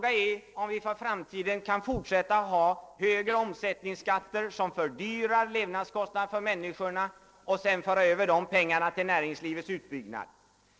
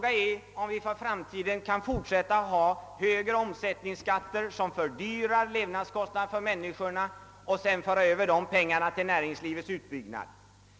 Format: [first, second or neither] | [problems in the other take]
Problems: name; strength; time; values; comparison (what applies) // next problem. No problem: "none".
second | noise reduction (neural separator model SepFormer DNS4)